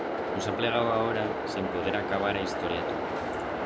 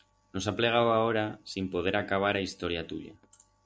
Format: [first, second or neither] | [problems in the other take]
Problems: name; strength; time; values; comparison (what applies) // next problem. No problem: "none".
second | background sound (Train); as loud as the speech